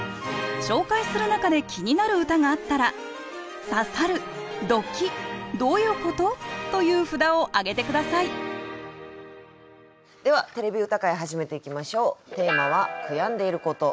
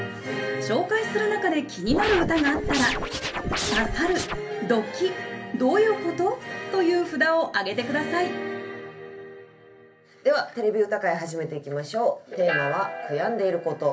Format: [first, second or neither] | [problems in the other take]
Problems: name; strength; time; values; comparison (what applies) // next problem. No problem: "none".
first | background sound (Scratching (performance technique)); 3 dB below the speech // room echo; dies away in 0.3 s